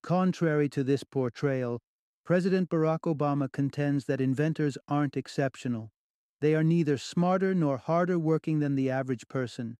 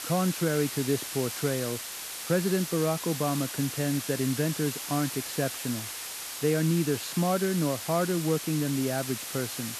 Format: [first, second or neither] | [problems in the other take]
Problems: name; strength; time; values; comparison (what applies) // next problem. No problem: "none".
first | hiss; loud; throughout; 5 dB below the speech